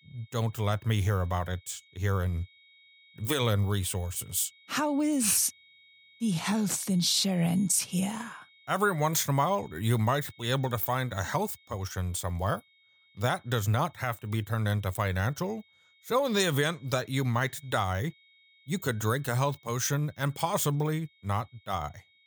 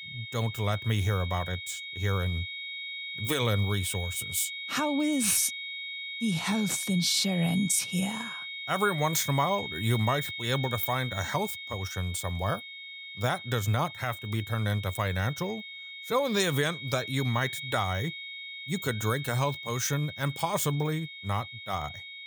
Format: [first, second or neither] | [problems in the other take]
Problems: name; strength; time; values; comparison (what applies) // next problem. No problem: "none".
first | high-pitched whine; loud; throughout; 2 kHz, 7 dB below the speech; faint in the first